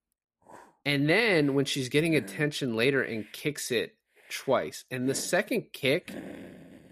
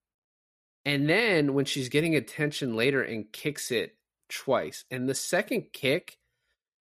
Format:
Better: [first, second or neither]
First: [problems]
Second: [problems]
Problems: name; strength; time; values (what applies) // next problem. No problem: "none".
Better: second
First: hiss; faint; throughout; 20 dB below the speech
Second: none